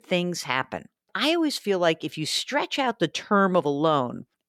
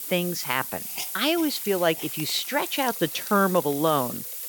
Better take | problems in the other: first | hiss; loud; throughout; 6 dB below the speech

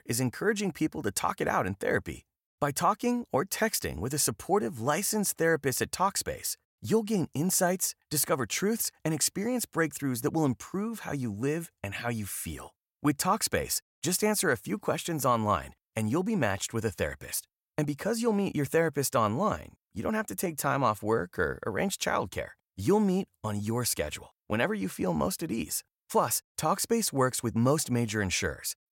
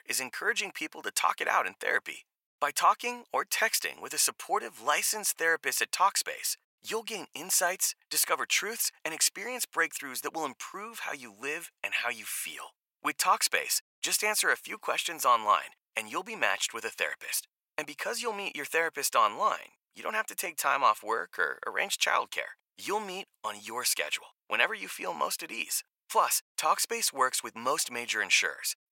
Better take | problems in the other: first | thin; very; fading below 700 Hz

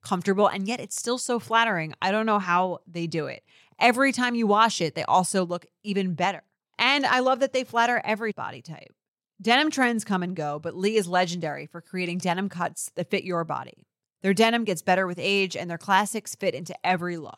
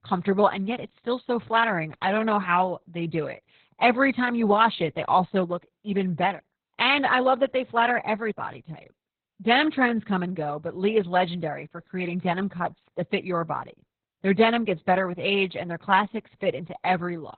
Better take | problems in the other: first | garbled, watery; badly; nothing above 4 kHz

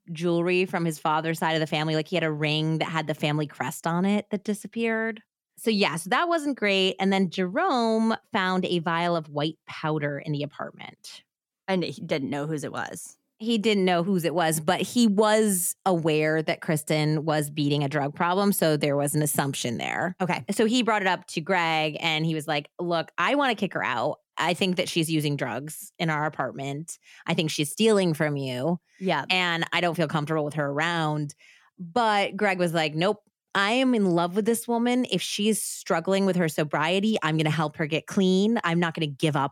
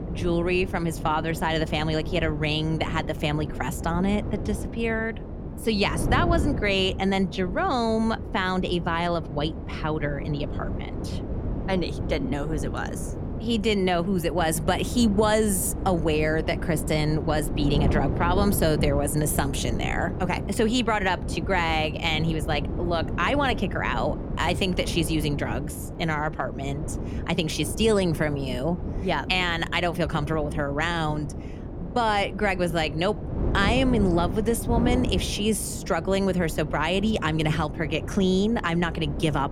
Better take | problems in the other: first | wind noise on the microphone; occasional gusts; 10 dB below the speech

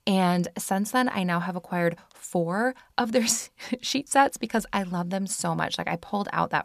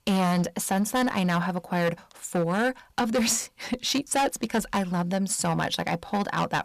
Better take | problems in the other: first | distortion; heavy; 11% of the sound clipped

